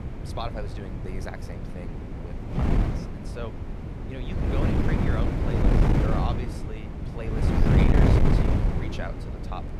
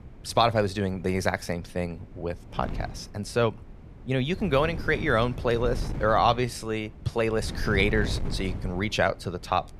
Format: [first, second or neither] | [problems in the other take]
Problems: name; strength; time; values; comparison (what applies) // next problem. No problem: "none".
second | wind noise on the microphone; heavy; 5 dB above the speech; occasional gusts in the second